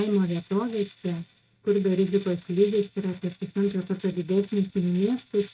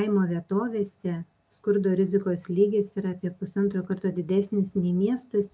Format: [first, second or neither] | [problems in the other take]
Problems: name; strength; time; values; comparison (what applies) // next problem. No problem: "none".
second | noise reduction (neural mask model RNNoise)